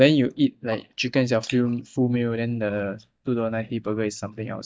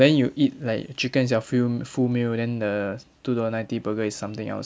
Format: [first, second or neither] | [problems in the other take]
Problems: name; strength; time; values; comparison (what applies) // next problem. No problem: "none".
second | noise reduction (neural mask model DeepFilterNet 3)